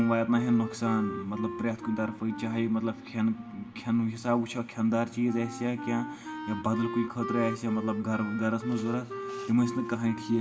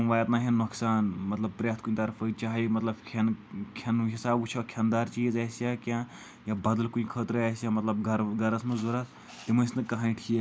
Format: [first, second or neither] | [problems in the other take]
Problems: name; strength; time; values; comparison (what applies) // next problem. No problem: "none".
second | background sound (Wind instrument, woodwind instrument); 11 dB below the speech // room echo; dies away in 2.4 s